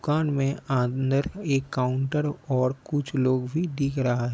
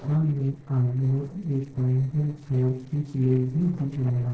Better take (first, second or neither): first